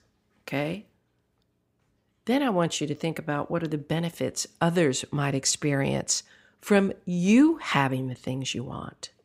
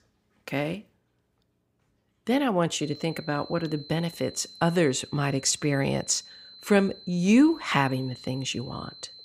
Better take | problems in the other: first | high-pitched whine; noticeable; from 3 s on; 4 kHz, 20 dB below the speech

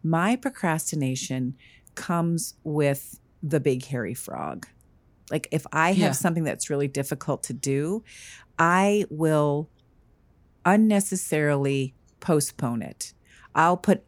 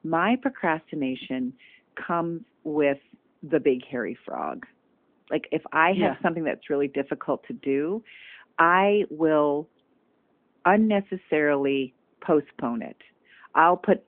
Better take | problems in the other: first | phone-call audio

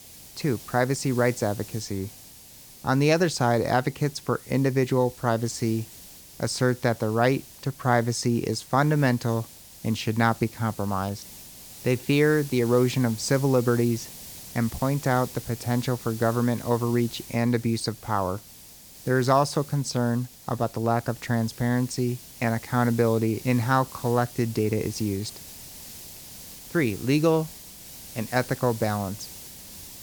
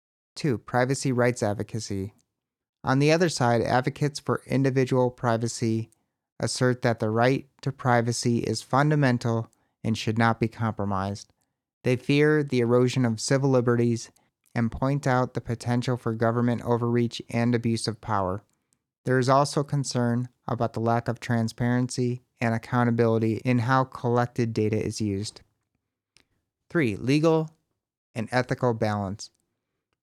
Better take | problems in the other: second | hiss; noticeable; throughout; 15 dB below the speech

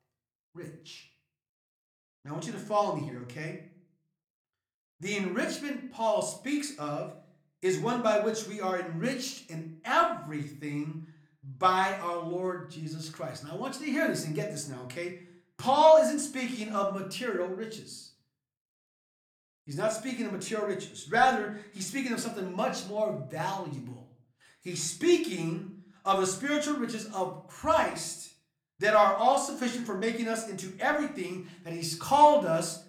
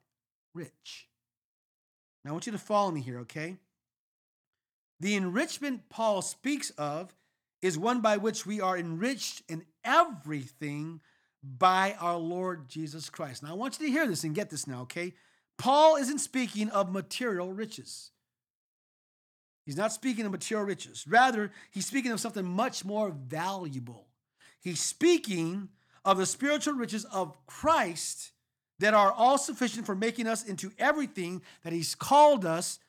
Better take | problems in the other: second | room echo; slight; dies away in 0.4 s // off-mic speech; somewhat distant

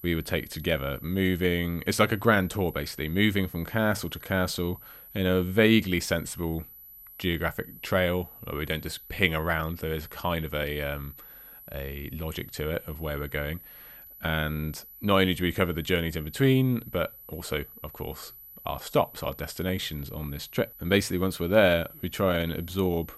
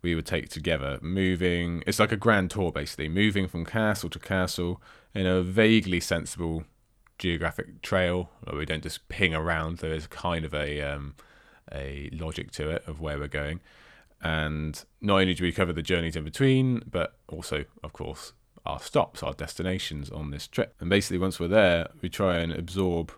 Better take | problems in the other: second | high-pitched whine; noticeable; throughout; 12 kHz, 15 dB below the speech

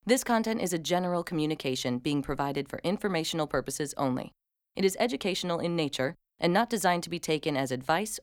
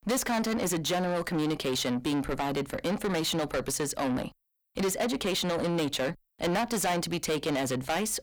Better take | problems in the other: first | distortion; heavy; 6 dB below the speech

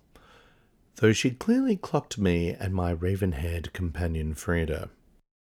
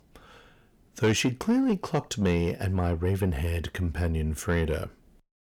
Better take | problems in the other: first | distortion; slight; 10 dB below the speech

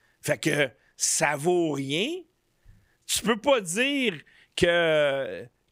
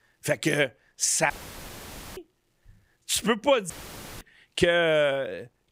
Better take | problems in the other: first | audio cutting out; filled with static; at 1.5 s for 1 s and at 3.5 s for 0.5 s

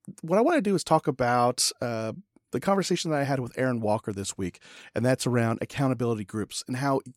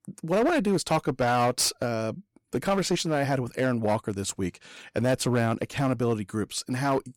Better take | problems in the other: first | distortion; slight; 9% of the sound clipped

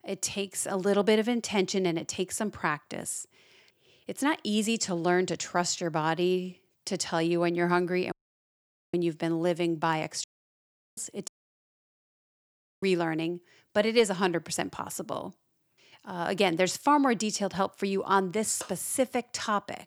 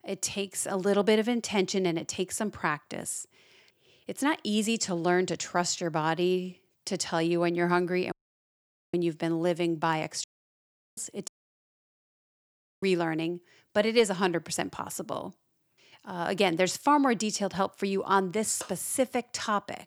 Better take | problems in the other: neither | audio cutting out; at 8 s for 1 s, at 10 s for 0.5 s and at 11 s for 1.5 s; the same in both

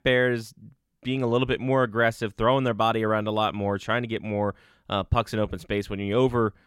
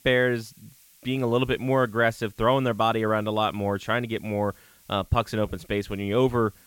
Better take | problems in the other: first | hiss; faint; throughout; 30 dB below the speech

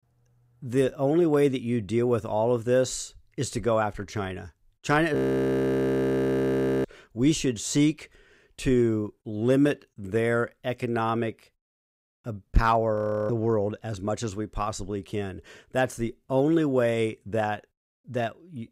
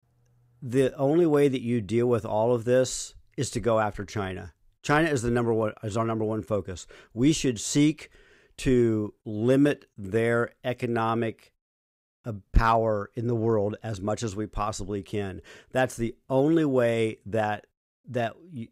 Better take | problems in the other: second | audio freezing; at 5 s for 1.5 s and at 13 s

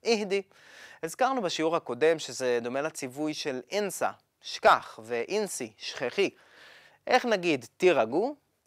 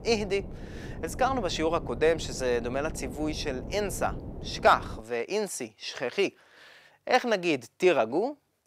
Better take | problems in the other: first | wind noise on the microphone; occasional gusts; until 5 s; 20 dB below the speech

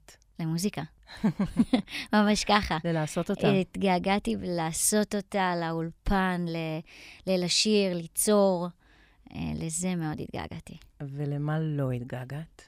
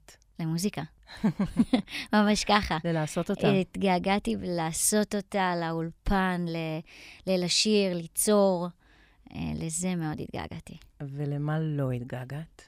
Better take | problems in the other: neither | none

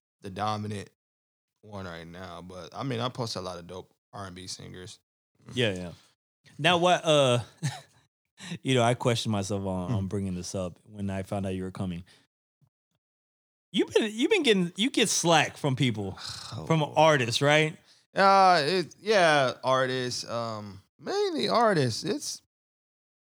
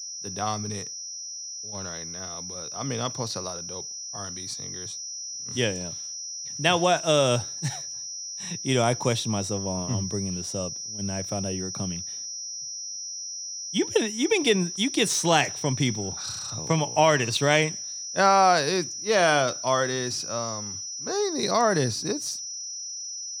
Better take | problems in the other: first | high-pitched whine; loud; throughout; 6 kHz, 7 dB below the speech

